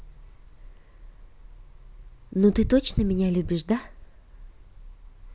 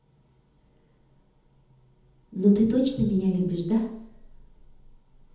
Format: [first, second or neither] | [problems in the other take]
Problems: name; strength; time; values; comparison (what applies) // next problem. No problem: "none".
first | room echo; dies away in 1.3 s